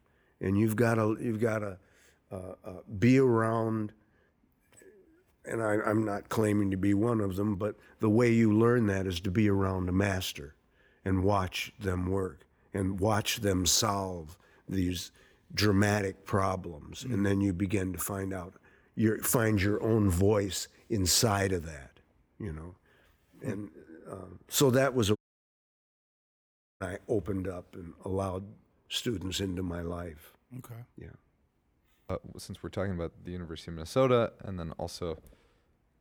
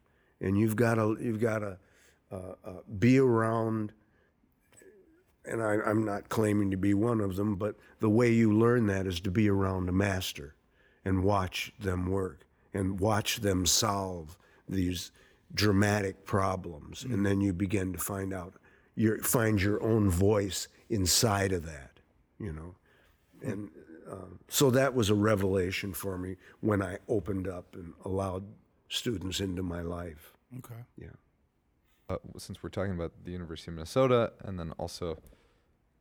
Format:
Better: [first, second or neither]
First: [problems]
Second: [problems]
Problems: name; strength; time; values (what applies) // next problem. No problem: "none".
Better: second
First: audio cutting out; at 25 s for 1.5 s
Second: none